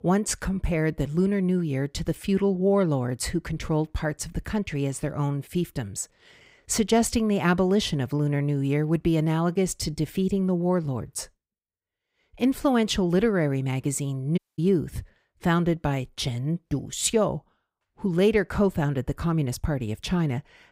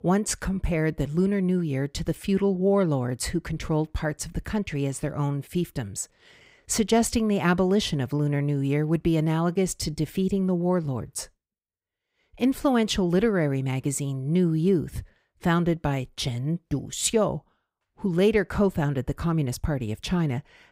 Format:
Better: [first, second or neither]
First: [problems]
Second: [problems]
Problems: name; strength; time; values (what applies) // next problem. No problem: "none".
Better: second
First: audio cutting out; at 14 s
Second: none